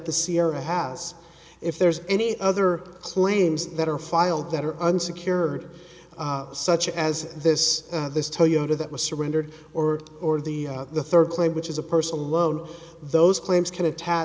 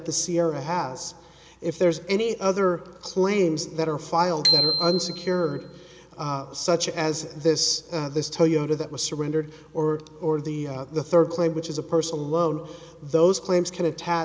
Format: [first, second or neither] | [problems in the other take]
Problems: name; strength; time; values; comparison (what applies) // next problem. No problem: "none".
first | background sound (Bicycle bell); 3 dB below the speech